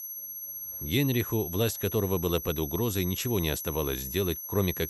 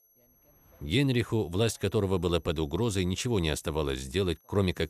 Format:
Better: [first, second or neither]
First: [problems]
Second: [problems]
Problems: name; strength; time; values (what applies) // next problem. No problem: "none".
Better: second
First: high-pitched whine; loud; throughout; 11.5 kHz, 6 dB below the speech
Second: high-pitched whine; faint; throughout; 11.5 kHz, 35 dB below the speech